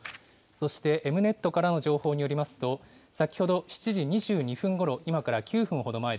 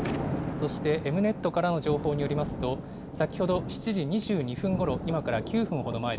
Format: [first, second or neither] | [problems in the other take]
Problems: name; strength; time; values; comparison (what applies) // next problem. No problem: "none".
first | background sound (Thunder); 6 dB below the speech